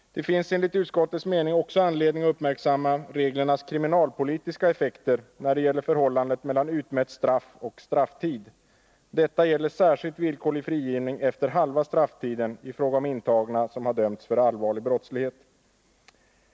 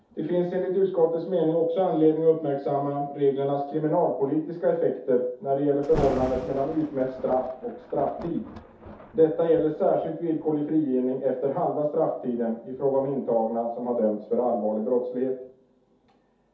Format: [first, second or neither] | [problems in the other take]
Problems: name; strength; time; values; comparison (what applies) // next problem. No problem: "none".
first | background sound (Thunder); 19 dB below the speech // room echo; dies away in 0.5 s